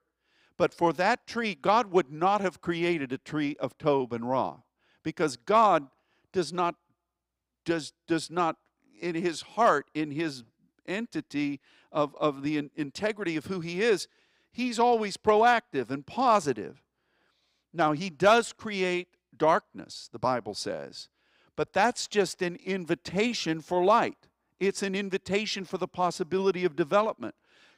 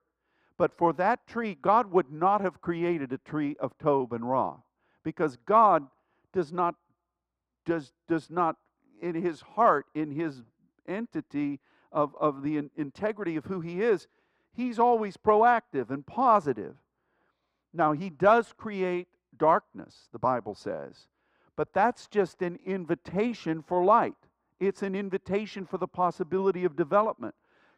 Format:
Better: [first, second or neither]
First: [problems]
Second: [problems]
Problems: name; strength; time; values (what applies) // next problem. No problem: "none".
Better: first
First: none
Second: muffled; very; fading above 2.5 kHz